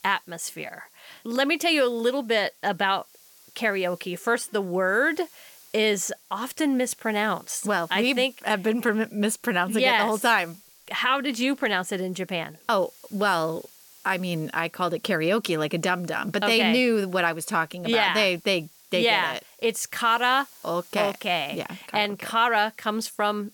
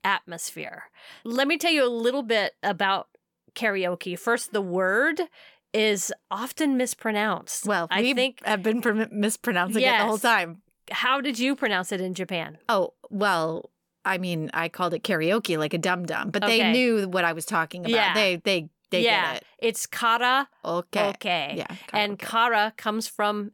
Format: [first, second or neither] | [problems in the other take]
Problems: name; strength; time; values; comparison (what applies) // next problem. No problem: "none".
second | hiss; faint; throughout; 25 dB below the speech